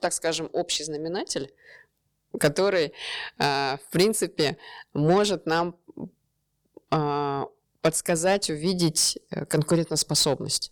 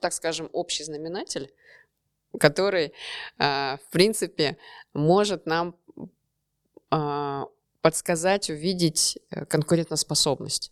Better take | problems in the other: second | distortion; slight; 10 dB below the speech

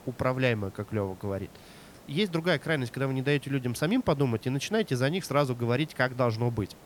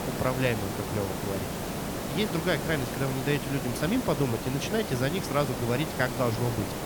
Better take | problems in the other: first | hiss; loud; throughout; 3 dB below the speech; faint in the first

